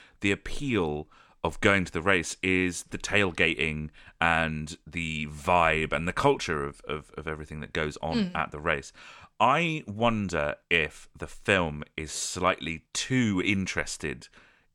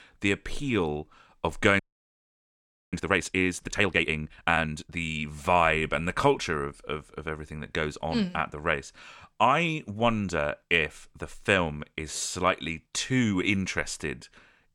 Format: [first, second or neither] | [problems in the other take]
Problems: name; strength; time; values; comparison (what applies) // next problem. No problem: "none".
first | audio freezing; at 2 s for 1 s